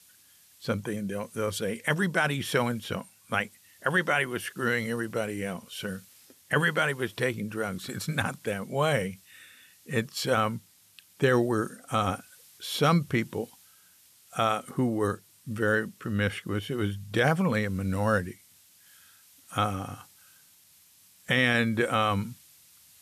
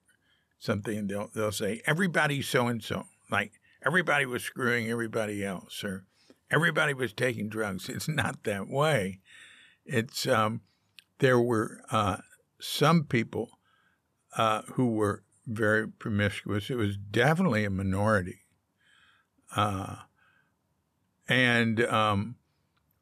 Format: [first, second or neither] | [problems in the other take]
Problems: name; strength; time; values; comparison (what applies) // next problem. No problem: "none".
second | hiss; faint; throughout; 25 dB below the speech